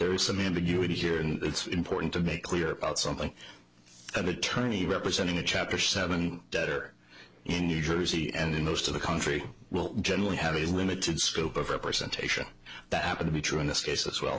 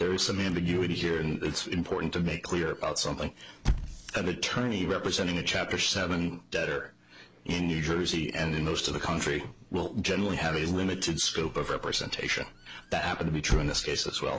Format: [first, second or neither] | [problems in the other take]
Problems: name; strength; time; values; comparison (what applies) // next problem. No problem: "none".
first | background sound (Squeak / Slam / Wood); 8 dB below the speech